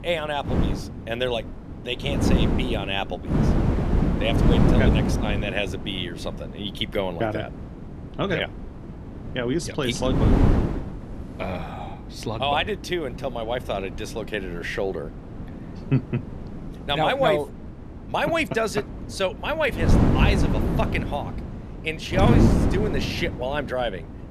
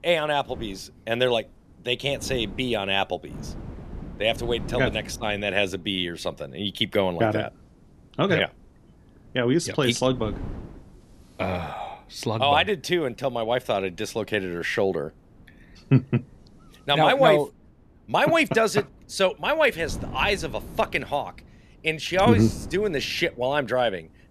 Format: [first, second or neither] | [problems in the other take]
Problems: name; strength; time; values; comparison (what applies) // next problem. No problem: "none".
second | wind noise on the microphone; heavy; 4 dB below the speech; occasional gusts in the second